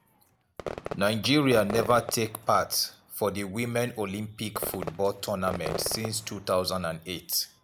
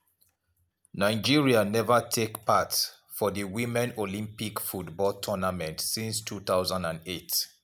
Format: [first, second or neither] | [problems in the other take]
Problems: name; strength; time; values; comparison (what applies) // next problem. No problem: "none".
second | background sound (Fireworks); 12 dB below the speech